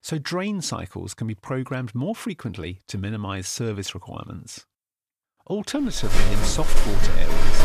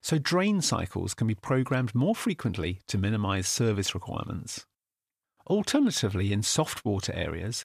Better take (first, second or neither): second